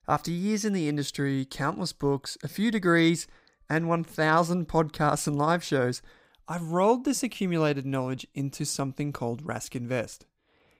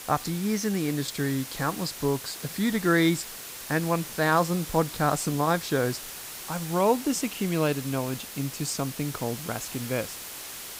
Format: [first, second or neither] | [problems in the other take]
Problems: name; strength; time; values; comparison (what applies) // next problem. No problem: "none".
first | hiss; loud; throughout; 10 dB below the speech